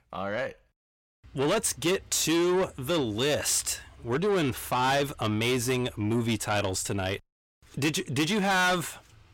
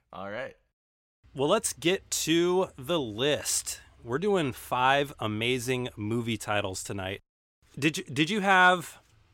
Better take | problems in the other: second | distortion; heavy; 6 dB below the speech

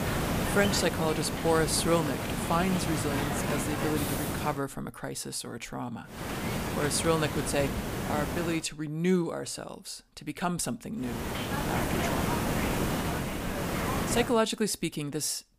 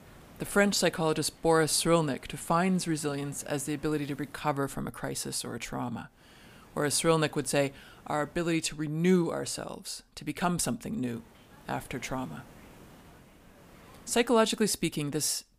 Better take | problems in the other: second | hiss; loud; until 4.5 s, from 6 to 8.5 s and from 11 to 14 s; 1 dB below the speech; faint in the second

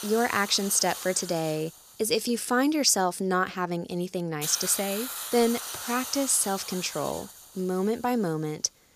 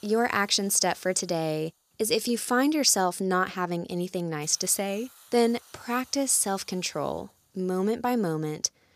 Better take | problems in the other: second | hiss; loud; throughout; 9 dB below the speech; faint in the second

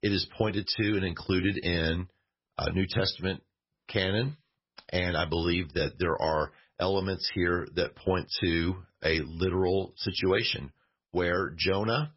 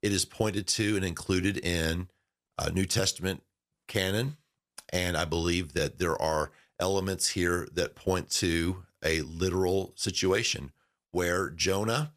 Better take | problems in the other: second | garbled, watery; badly; nothing above 5.5 kHz

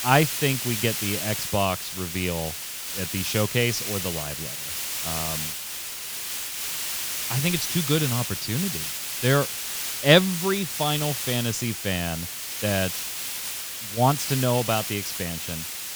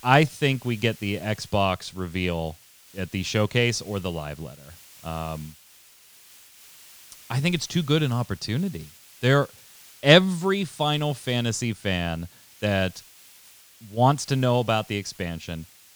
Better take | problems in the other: second | hiss; loud; throughout; 2 dB below the speech; faint in the second

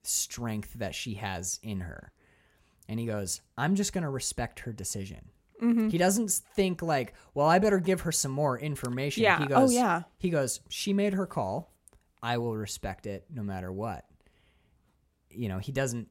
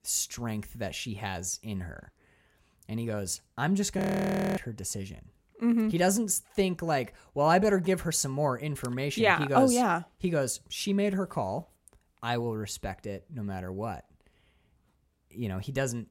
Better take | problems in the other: first | audio freezing; at 4 s for 0.5 s

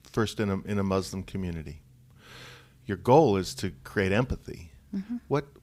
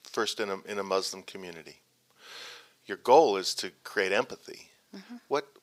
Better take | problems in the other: first | thin; very; fading below 500 Hz

